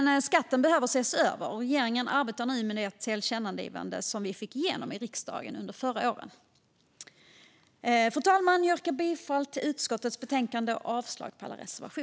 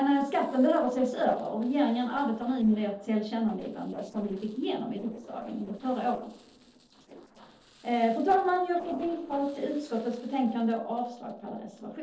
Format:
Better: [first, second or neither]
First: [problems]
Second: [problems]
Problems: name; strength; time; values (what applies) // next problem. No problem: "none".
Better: first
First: none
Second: noise reduction (neural separator model SepFormer DNS4)